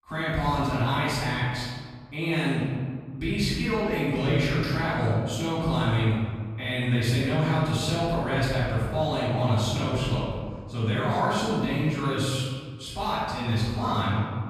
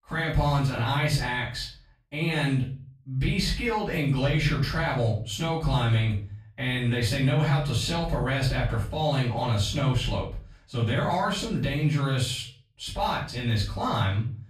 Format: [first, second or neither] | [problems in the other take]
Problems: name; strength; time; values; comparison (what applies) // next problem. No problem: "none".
second | room echo; strong; dies away in 1.6 s; slight in the second // off-mic speech; far; far in the second